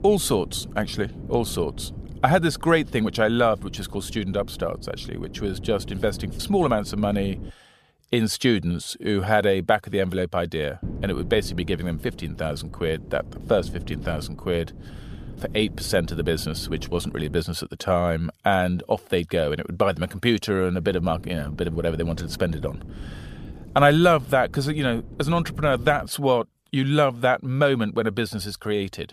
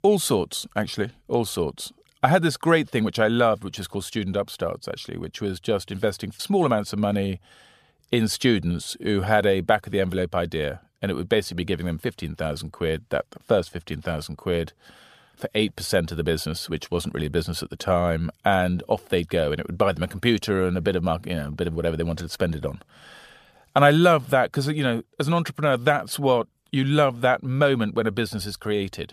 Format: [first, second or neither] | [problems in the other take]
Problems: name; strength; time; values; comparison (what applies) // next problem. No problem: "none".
second | wind noise on the microphone; occasional gusts; until 7.5 s, from 11 to 17 s and from 21 to 26 s; 20 dB below the speech